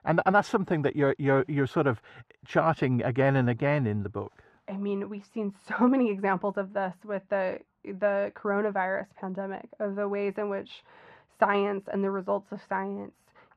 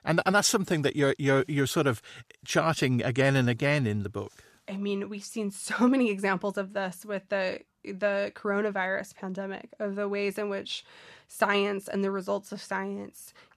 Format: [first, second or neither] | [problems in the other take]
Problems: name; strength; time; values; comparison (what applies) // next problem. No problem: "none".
second | muffled; very; fading above 3.5 kHz